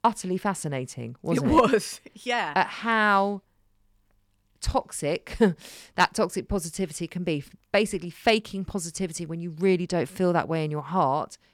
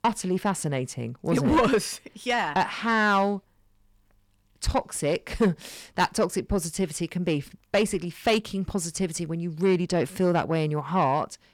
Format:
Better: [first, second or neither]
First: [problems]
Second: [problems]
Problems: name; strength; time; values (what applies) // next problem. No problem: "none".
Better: first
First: none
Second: distortion; slight; 10 dB below the speech